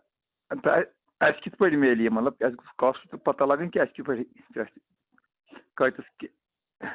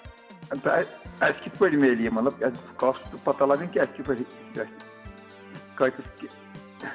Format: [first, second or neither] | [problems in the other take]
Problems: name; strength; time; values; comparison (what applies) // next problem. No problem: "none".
first | background sound (Organ); 18 dB below the speech // room echo; dies away in 1.2 s